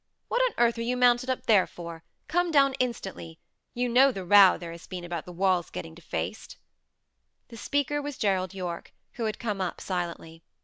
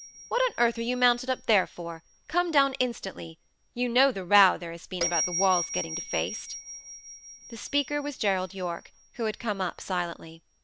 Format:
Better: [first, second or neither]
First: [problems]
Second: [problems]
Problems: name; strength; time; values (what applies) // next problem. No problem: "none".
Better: first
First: none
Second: background sound (Bell); 11 dB below the speech